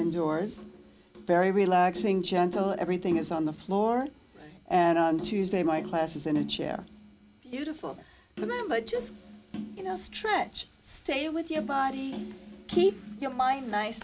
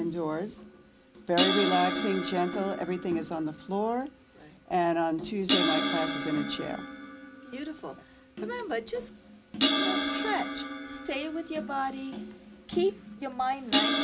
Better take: first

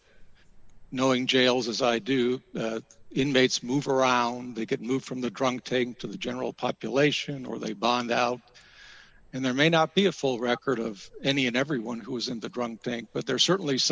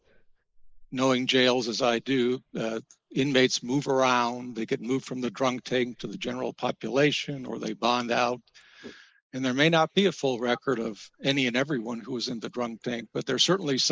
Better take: first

